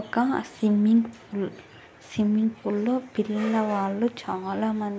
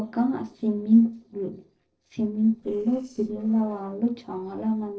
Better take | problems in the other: first | noise reduction (neural separator model SepFormer DNS4)

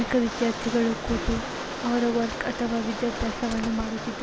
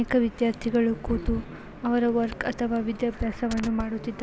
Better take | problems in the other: second | background sound (Rain); 7 dB below the speech

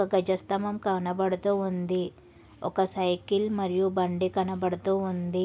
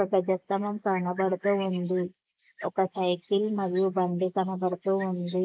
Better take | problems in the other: first | noise reduction (neural mask model Resemble Enhance denoiser)

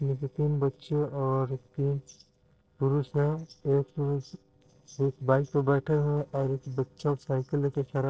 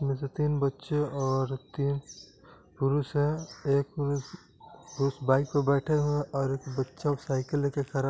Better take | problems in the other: second | noise reduction (neural separator model SepFormer DNS4)

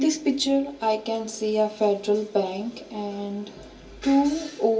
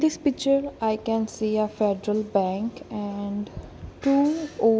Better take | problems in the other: second | room echo; dies away in 0.3 s

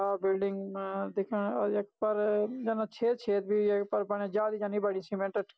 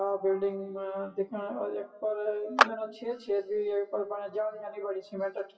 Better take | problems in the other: first | noise reduction (classical method WPE with log-MMSE)

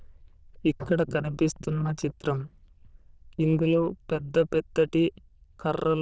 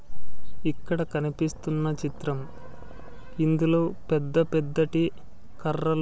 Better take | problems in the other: second | noise reduction (neural diffusion model UNIVERSE++)

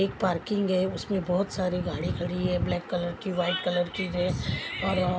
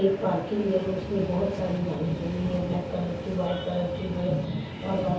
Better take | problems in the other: first | background sound (Train); 10 dB below the speech // room echo; dies away in 0.6 s

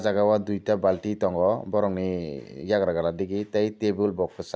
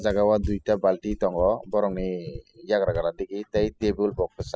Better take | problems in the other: first | noise reduction (classical method spectral subtraction)

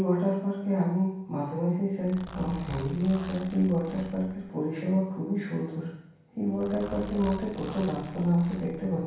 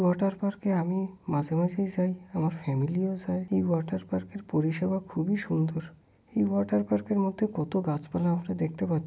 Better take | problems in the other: second | background sound (Zipper (clothing)); 15 dB below the speech // room echo; dies away in 0.7 s

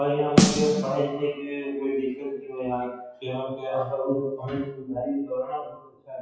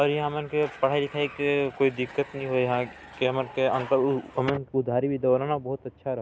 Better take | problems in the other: second | noise reduction (classical method WPE with log-MMSE)

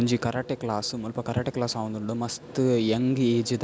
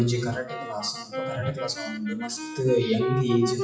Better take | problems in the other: first | noise reduction (classical method WPE with log-MMSE)

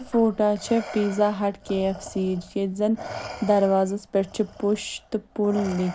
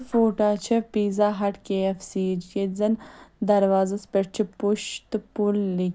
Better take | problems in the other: second | background sound (Respiratory sounds); 16 dB below the speech

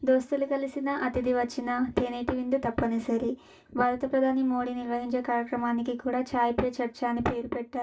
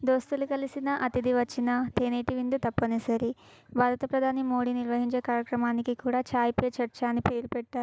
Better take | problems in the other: second | room echo; dies away in 0.2 s

